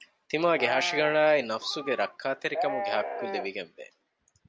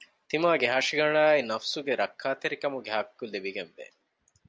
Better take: second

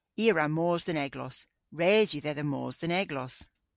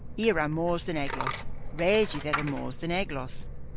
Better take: first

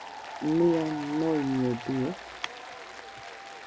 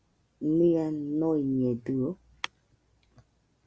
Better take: second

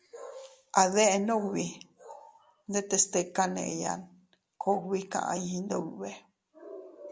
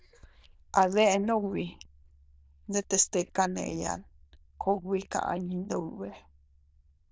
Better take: first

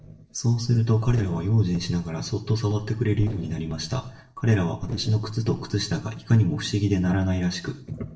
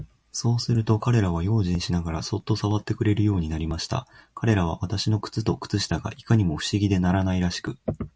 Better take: second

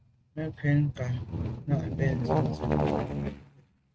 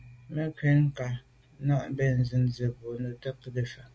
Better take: second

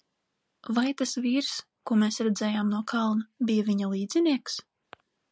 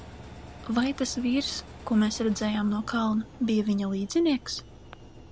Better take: first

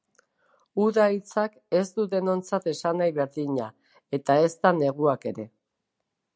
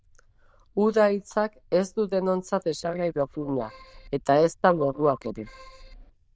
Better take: first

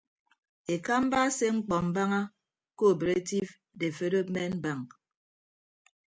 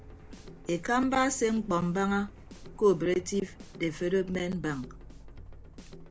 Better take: first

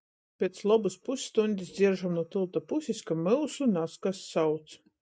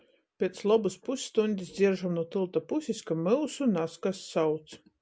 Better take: second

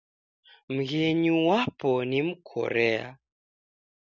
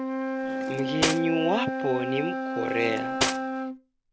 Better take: first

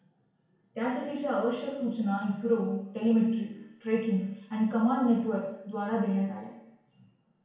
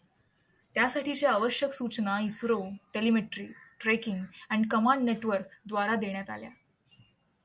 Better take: second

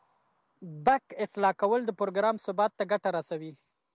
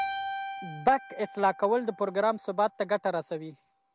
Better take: first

